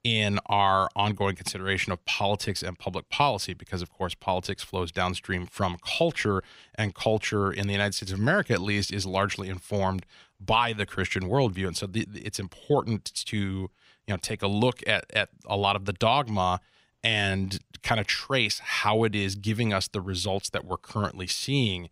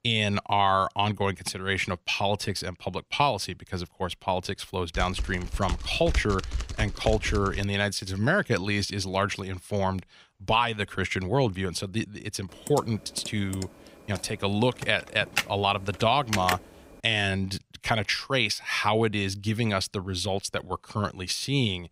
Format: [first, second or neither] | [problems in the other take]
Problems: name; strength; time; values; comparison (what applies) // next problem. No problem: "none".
first | keyboard typing; noticeable; from 5 to 7.5 s and from 13 to 17 s; peak 2 dB below the speech